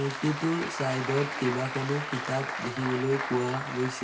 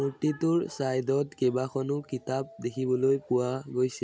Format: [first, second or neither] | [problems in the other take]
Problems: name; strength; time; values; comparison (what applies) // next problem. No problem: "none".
second | background sound (Applause); 5 dB below the speech // room echo; dies away in 0.2 s